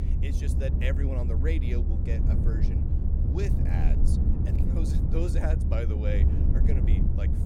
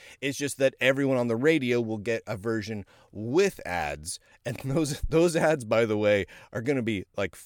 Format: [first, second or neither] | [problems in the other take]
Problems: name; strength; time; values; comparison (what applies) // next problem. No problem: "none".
second | low rumble; loud; throughout; 1 dB below the speech